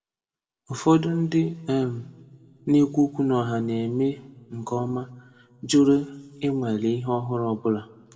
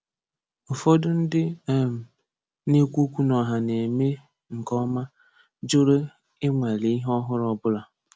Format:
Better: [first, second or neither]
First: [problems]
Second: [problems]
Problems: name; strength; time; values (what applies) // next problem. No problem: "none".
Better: second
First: room echo; dies away in 1.9 s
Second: none